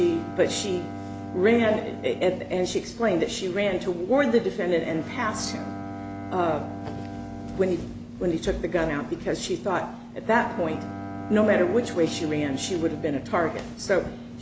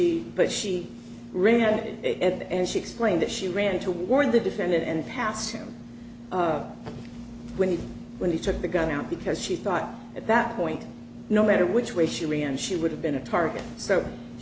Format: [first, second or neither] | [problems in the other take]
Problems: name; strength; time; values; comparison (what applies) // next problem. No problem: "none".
second | background sound (Bowed string instrument); 13 dB below the speech